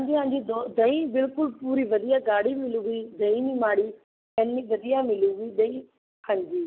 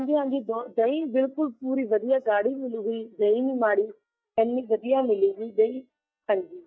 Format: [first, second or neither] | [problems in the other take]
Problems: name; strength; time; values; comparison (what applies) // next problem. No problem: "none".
first | noise reduction (neural mask model DeepFilterNet 3)